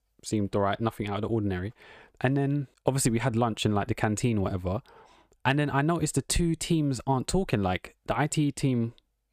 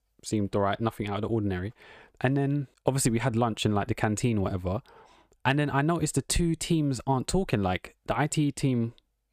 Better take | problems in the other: neither | none

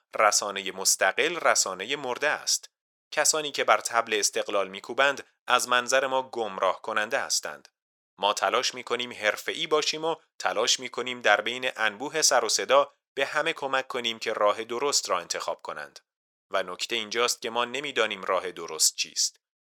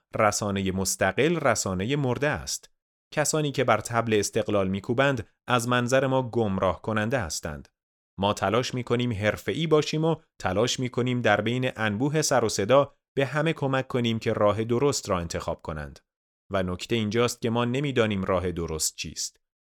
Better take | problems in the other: second | thin; very; fading below 650 Hz

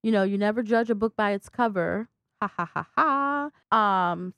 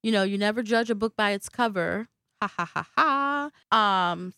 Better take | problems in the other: second | muffled; slightly; fading above 2 kHz

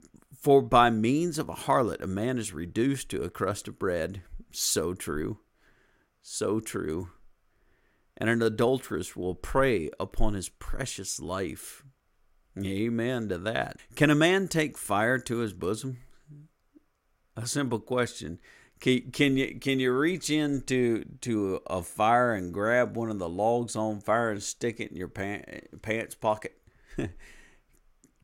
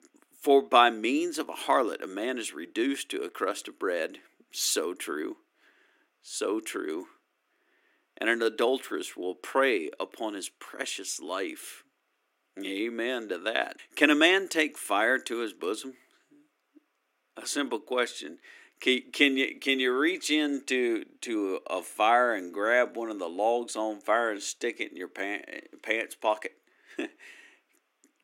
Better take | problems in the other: first | thin; very slightly; fading below 300 Hz

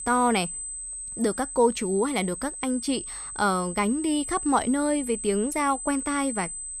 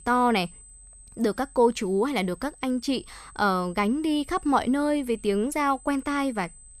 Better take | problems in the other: second | high-pitched whine; loud; throughout; 8 kHz, 7 dB below the speech; faint in the second

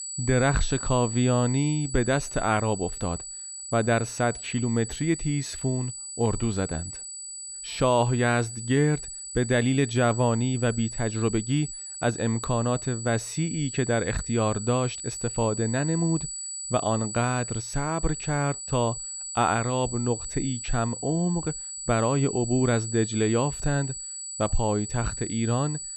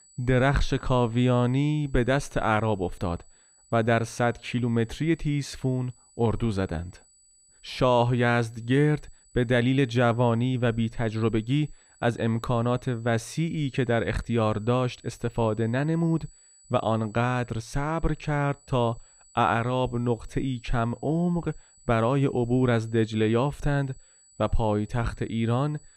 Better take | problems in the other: second | high-pitched whine; loud; throughout; 8 kHz, 7 dB below the speech; faint in the second

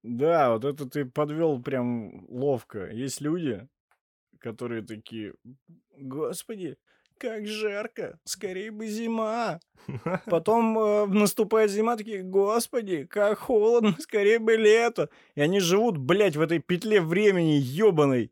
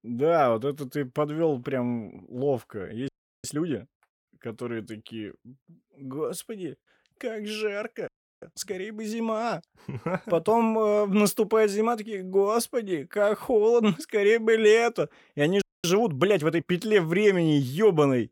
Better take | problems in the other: first | audio freezing; at 3 s, at 8 s and at 16 s

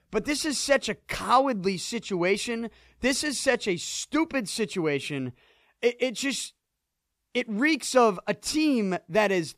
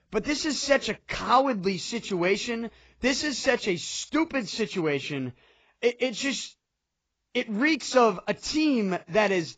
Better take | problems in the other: first | garbled, watery; badly; nothing above 7.5 kHz

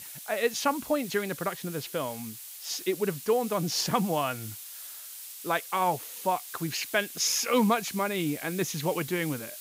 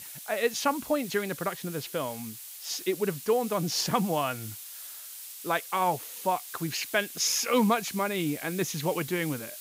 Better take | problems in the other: neither | hiss; noticeable; throughout; 10 dB below the speech; the same in both

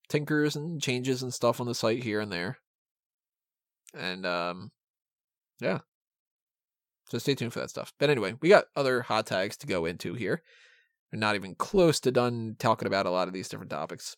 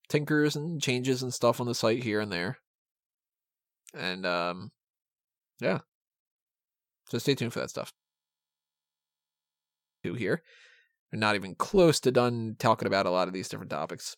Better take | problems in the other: first | audio freezing; at 8 s for 2 s

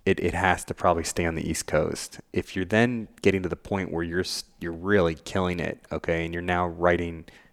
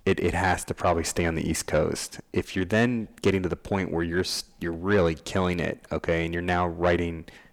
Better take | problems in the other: first | distortion; slight; 10 dB below the speech

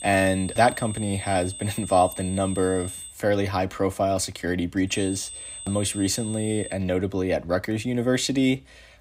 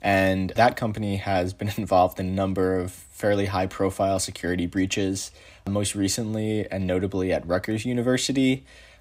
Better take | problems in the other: second | high-pitched whine; noticeable; until 3 s and from 5 to 6.5 s; 8 kHz, 10 dB below the speech

